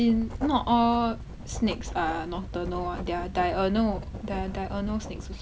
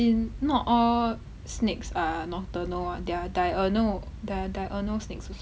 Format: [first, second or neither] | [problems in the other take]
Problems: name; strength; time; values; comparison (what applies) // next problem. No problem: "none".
second | background sound (Writing); 13 dB below the speech